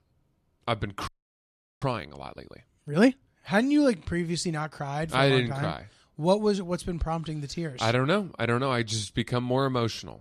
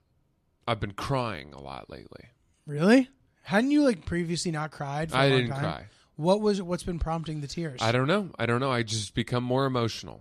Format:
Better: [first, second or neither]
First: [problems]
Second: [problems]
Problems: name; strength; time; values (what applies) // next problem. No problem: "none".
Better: second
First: audio freezing; at 1 s for 0.5 s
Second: none